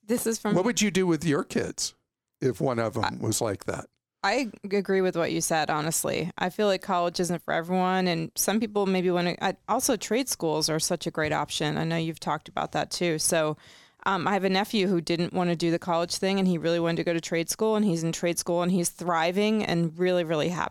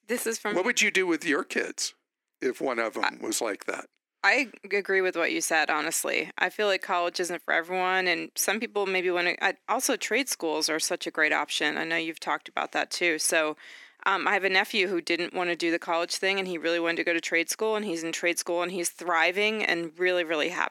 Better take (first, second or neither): first